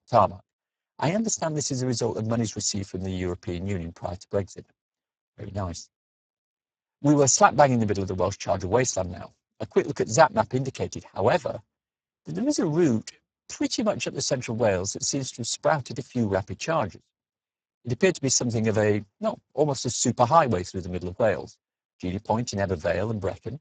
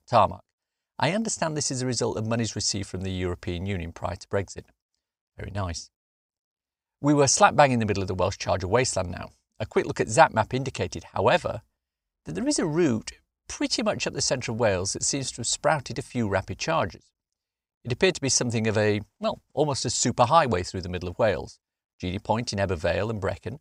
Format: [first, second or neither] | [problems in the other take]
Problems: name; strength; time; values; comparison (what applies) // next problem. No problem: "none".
second | garbled, watery; badly; nothing above 7.5 kHz